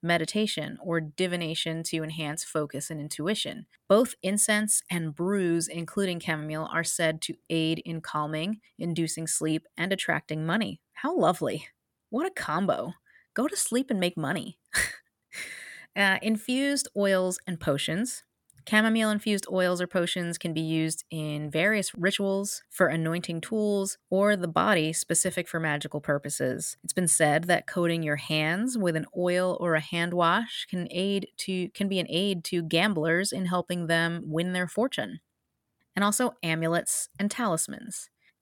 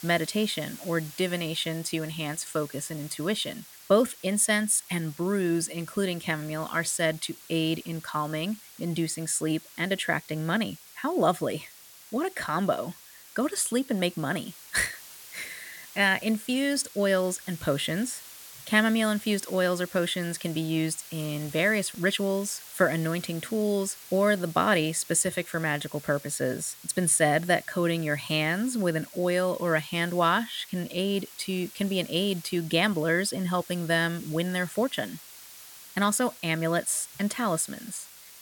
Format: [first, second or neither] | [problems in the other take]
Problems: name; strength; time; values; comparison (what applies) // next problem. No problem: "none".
first | hiss; noticeable; throughout; 15 dB below the speech